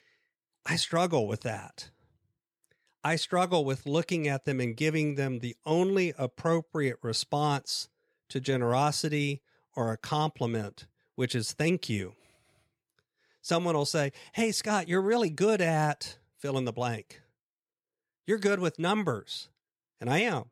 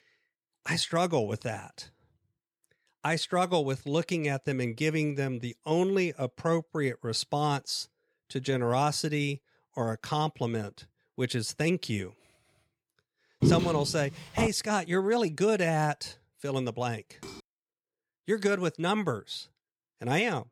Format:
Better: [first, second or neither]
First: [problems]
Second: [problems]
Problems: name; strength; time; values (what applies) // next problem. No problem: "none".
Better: first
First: none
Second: footsteps; loud; from 13 to 14 s; peak 4 dB above the speech // clattering dishes; faint; at 17 s; peak 15 dB below the speech